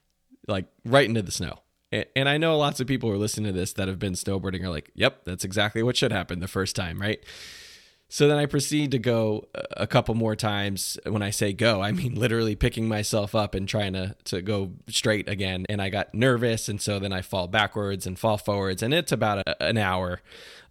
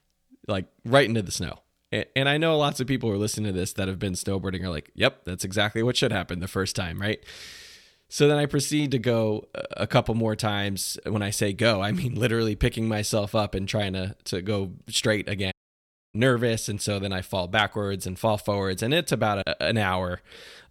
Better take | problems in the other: first | audio cutting out; at 16 s for 0.5 s

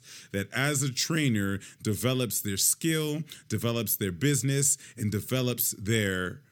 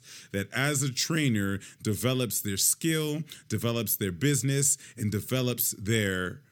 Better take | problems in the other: neither | none

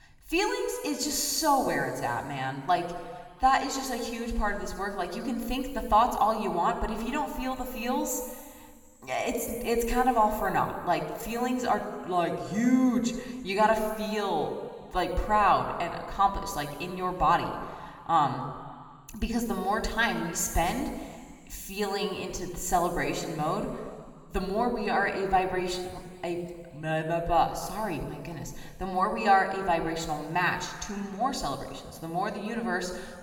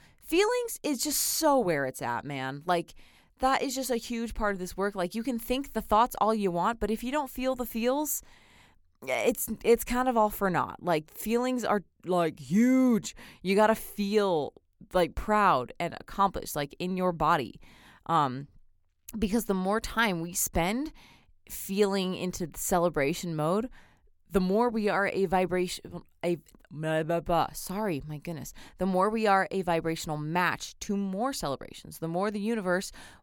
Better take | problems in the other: second | room echo; noticeable; dies away in 1.9 s // off-mic speech; somewhat distant

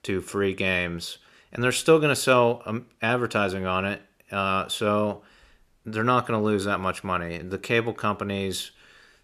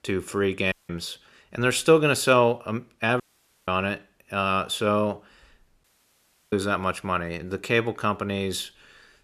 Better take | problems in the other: first | audio cutting out; at 0.5 s, at 3 s and at 6 s for 0.5 s

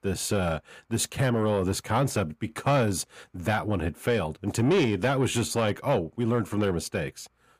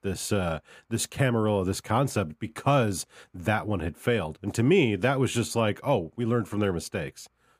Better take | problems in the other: second | distortion; slight; 10 dB below the speech

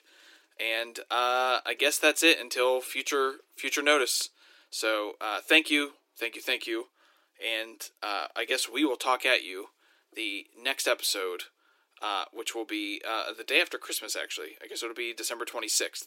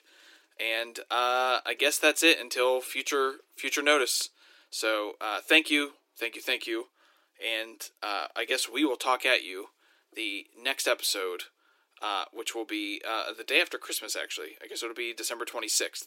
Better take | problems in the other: neither | thin; somewhat; fading below 300 Hz; the same in both

